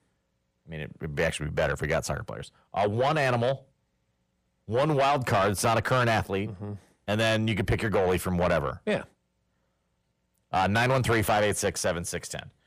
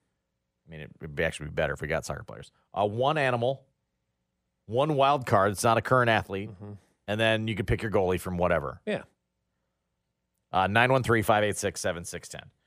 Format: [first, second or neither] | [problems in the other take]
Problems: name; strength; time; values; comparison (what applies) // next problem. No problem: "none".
second | distortion; heavy; 7 dB below the speech